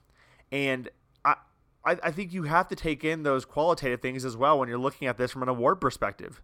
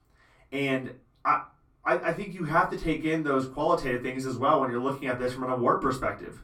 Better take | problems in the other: first | off-mic speech; far // room echo; very slight; dies away in 0.2 s

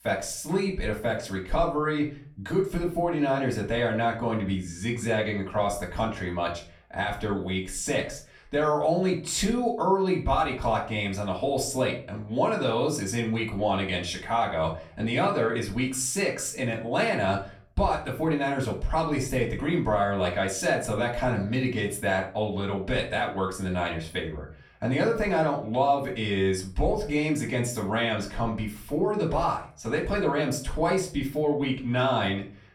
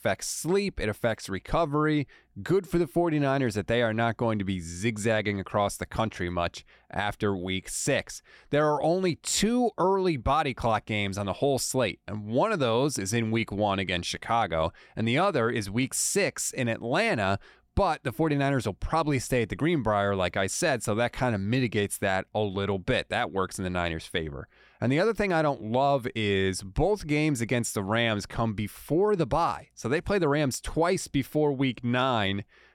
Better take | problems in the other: second | room echo; slight; dies away in 0.3 s // off-mic speech; far

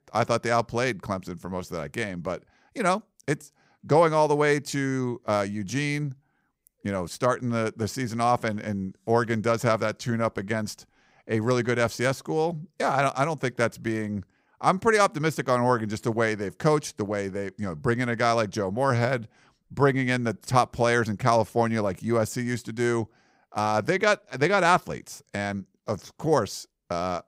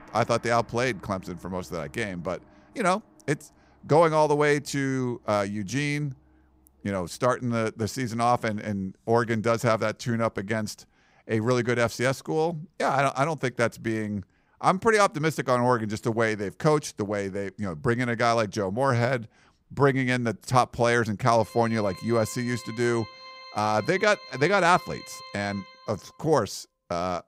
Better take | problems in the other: first | background music; faint; throughout; 20 dB below the speech

